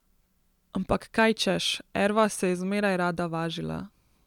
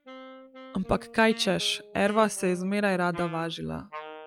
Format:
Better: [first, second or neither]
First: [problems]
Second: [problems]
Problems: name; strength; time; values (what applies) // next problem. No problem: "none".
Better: first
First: none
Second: noise reduction (classical method log-MMSE)